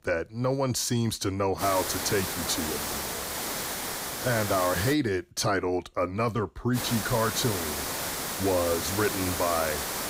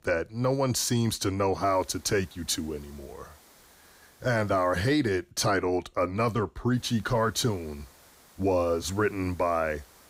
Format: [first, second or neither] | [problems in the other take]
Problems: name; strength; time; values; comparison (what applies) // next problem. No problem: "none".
second | hiss; loud; from 1.5 to 5 s and from 7 s on; 3 dB below the speech; faint in the second